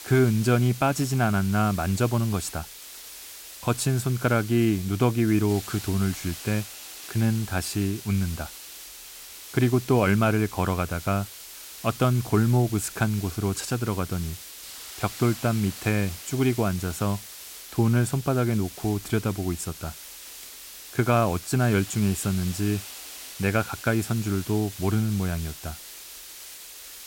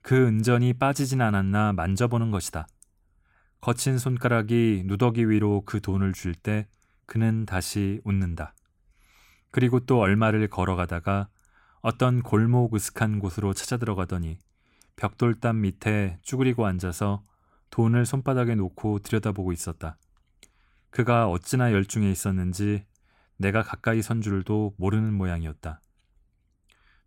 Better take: second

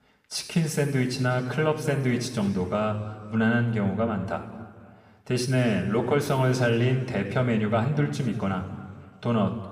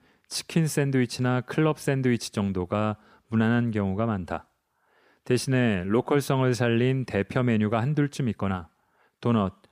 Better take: second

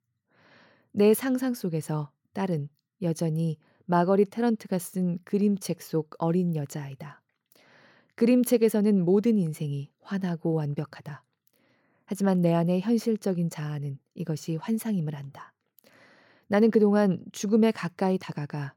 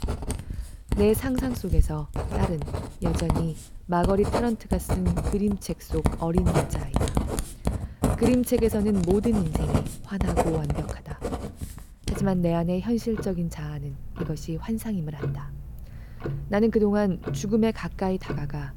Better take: first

